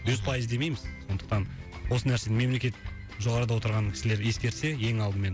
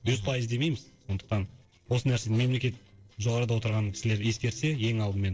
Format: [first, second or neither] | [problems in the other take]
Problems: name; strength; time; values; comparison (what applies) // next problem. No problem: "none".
first | noise reduction (neural separator model SepFormer DNS4)